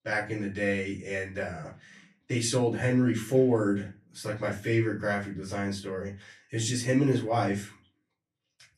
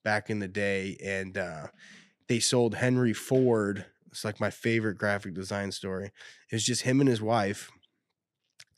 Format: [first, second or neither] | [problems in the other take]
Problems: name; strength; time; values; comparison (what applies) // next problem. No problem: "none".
second | room echo; slight; dies away in 0.3 s // off-mic speech; far